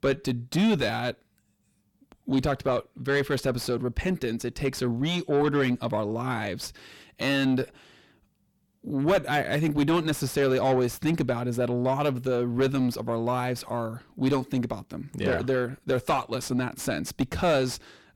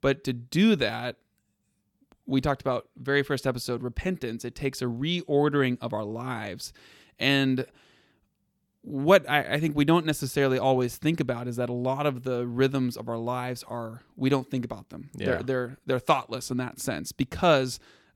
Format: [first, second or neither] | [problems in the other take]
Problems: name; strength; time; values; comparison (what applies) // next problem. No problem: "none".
second | distortion; heavy; 7 dB below the speech